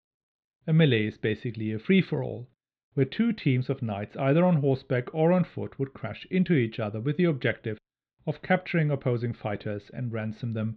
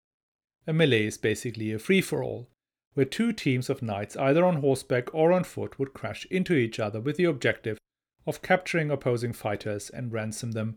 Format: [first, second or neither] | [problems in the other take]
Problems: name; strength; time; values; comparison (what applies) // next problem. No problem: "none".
second | muffled; slightly; fading above 4 kHz